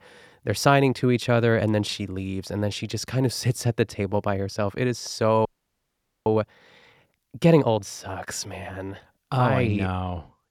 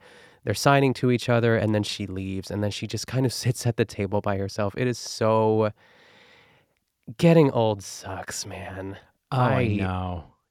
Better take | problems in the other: second | audio freezing; at 5.5 s for 1 s

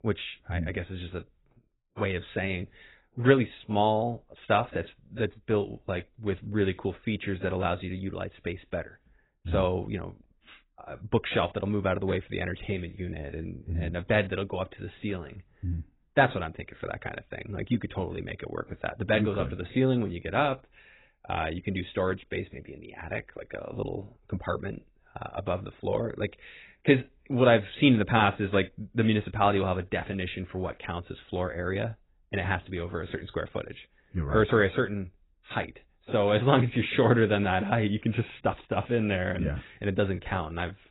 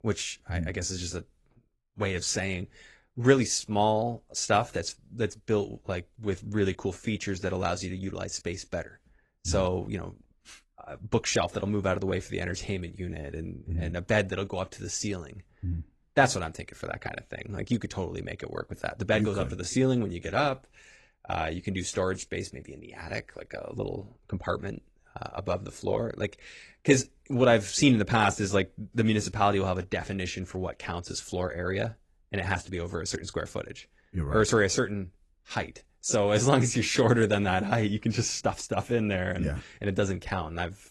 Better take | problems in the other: second | garbled, watery; badly; nothing above 4 kHz; slightly in the second

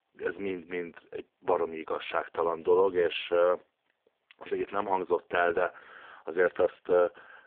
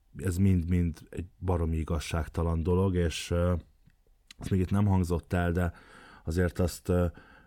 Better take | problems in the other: second | phone-call audio; poor line; nothing above 3.5 kHz

